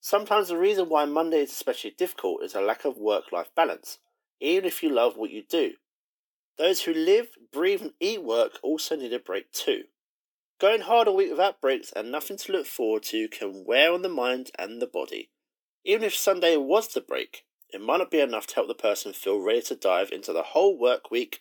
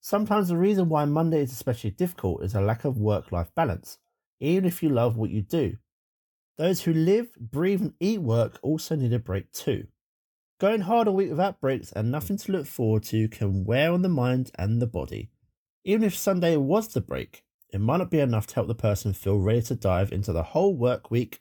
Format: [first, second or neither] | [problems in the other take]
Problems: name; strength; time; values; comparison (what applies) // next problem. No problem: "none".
second | thin; very; fading below 300 Hz